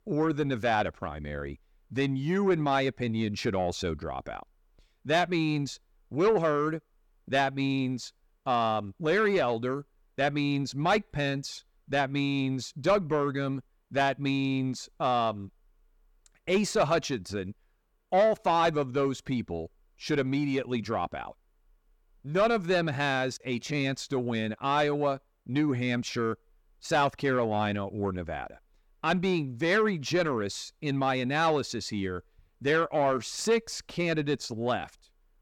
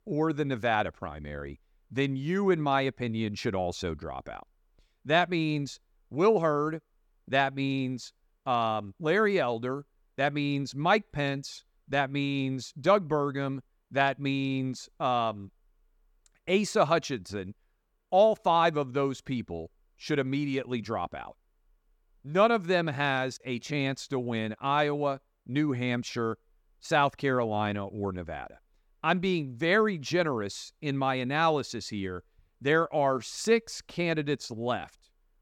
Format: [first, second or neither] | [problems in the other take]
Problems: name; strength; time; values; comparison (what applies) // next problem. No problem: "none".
second | distortion; slight; 10 dB below the speech